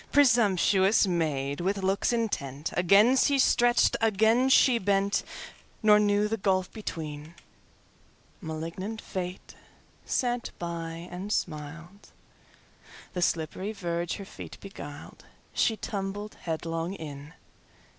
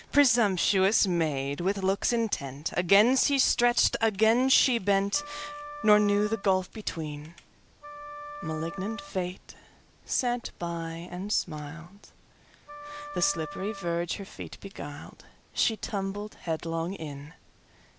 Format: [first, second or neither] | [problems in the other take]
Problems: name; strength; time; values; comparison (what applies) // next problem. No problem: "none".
first | background sound (Wind instrument, woodwind instrument); 14 dB below the speech